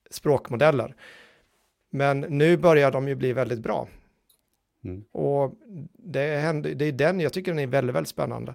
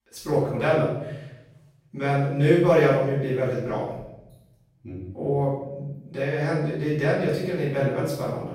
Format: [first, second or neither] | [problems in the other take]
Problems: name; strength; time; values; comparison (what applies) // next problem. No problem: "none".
first | room echo; noticeable; dies away in 0.8 s // off-mic speech; far